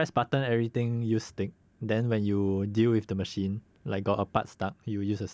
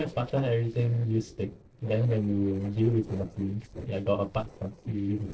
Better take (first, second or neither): first